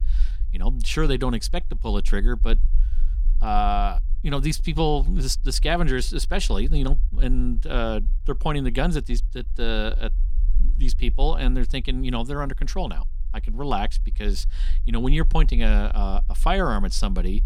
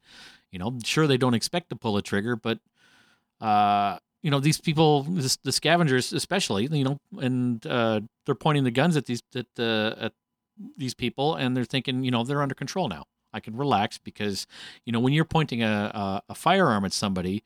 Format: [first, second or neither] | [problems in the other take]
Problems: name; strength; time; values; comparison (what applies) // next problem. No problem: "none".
second | low rumble; faint; throughout; 25 dB below the speech